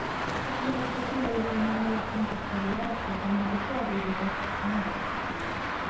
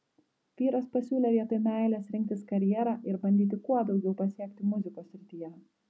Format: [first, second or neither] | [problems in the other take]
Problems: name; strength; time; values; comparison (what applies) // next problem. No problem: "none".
second | background sound (Traffic noise, roadway noise); as loud as the speech // room echo; dies away in 0.7 s